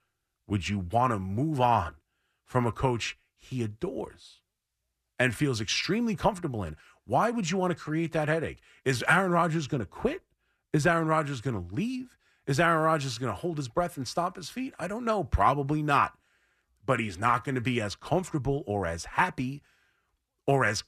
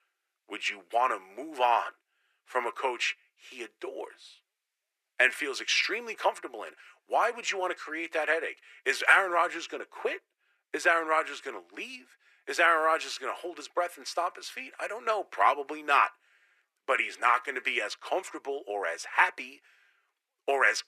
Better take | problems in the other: first | thin; very; fading below 400 Hz

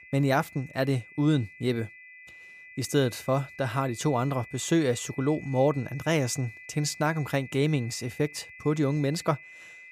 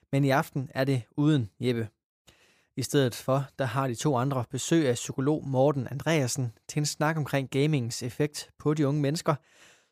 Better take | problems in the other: second | high-pitched whine; noticeable; throughout; 2 kHz, 15 dB below the speech

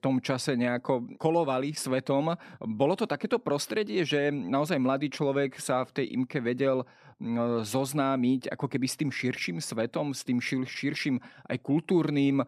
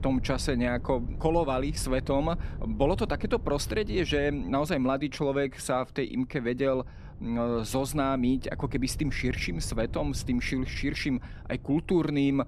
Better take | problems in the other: first | wind noise on the microphone; occasional gusts; 20 dB below the speech

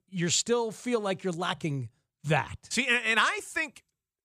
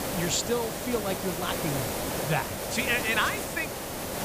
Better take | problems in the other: first | hiss; loud; throughout; 2 dB below the speech

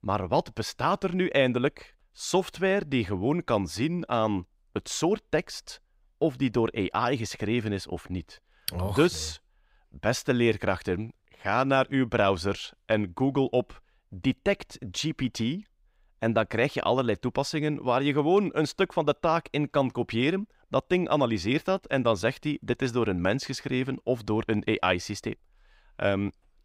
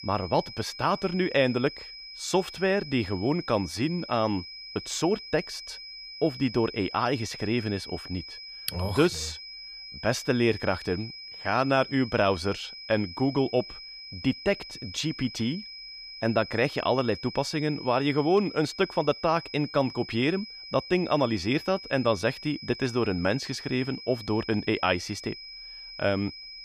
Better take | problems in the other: first | high-pitched whine; noticeable; throughout; 5 kHz, 10 dB below the speech

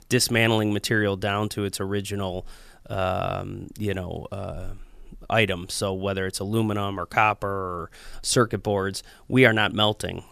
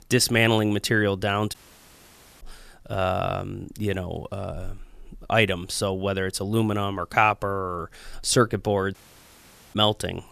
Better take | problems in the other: first | audio cutting out; at 1.5 s for 1 s and at 9 s for 1 s

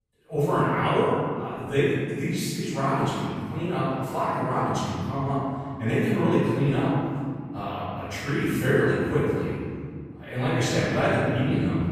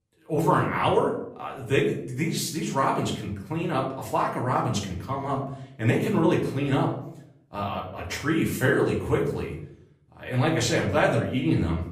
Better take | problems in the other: second | room echo; strong; dies away in 2.2 s; slight in the second // off-mic speech; far; far in the second

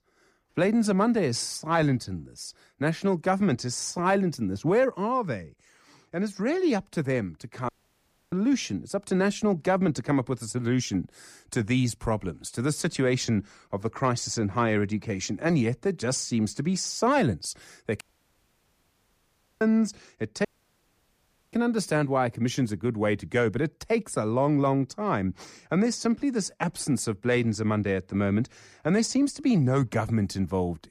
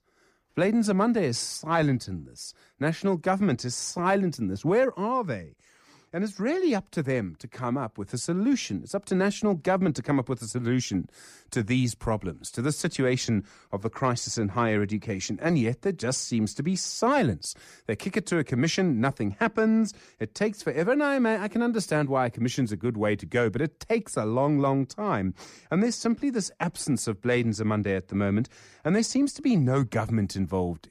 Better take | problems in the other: second | audio cutting out; at 7.5 s for 0.5 s, at 18 s for 1.5 s and at 20 s for 1 s

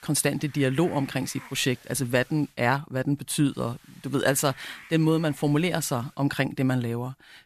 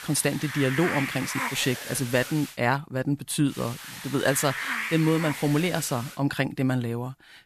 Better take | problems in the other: first | hiss; loud; until 2.5 s and from 3.5 to 6 s; 7 dB below the speech; faint in the first

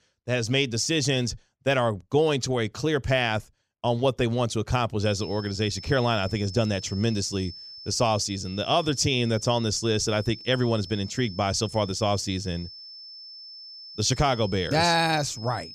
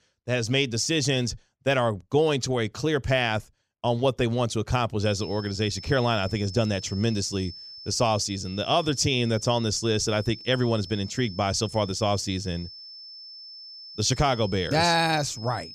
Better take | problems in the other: neither | high-pitched whine; noticeable; from 5 s on; 5.5 kHz, 15 dB below the speech; the same in both

